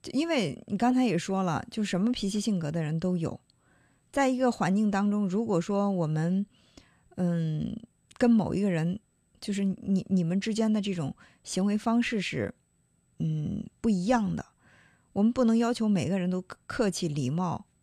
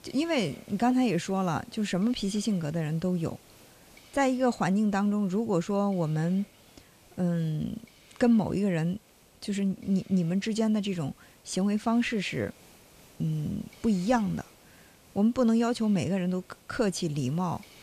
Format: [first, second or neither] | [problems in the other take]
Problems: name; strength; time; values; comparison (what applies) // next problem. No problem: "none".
first | hiss; faint; throughout; 25 dB below the speech